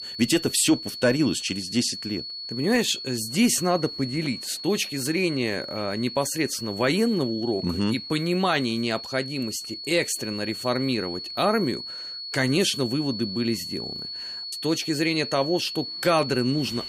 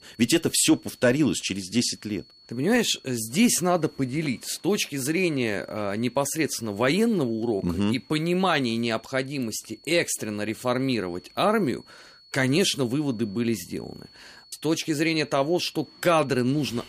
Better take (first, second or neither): second